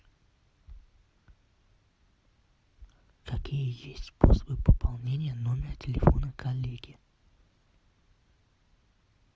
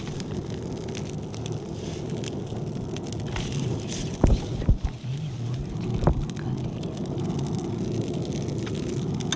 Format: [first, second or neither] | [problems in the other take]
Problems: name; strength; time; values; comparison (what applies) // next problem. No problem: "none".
first | background sound (Fire); 1 dB above the speech